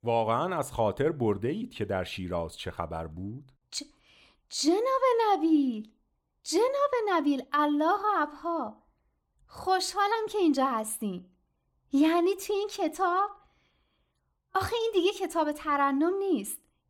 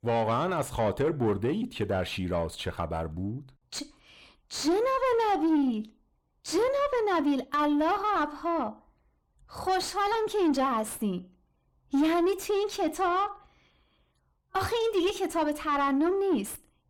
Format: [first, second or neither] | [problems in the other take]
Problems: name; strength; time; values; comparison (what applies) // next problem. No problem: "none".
first | distortion; slight; 10 dB below the speech